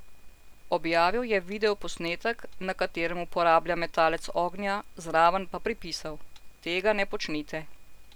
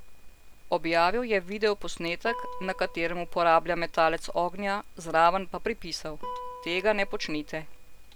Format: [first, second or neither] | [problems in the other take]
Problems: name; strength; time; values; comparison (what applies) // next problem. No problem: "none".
first | background sound (Guitar); 18 dB below the speech